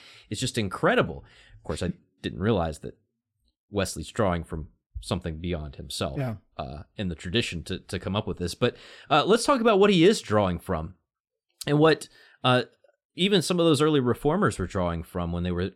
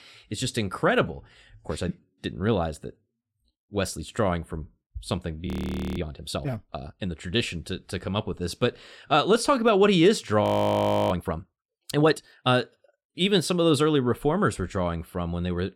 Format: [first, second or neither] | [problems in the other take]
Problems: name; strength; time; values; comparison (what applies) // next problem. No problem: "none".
first | audio freezing; at 5.5 s for 0.5 s and at 10 s for 0.5 s